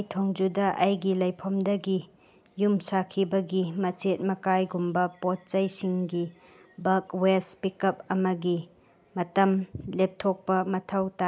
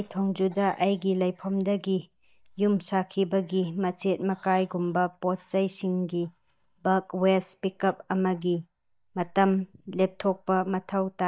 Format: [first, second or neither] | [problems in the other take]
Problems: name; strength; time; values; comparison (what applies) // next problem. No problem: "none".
first | noise reduction (neural mask model DeepFilterNet 3)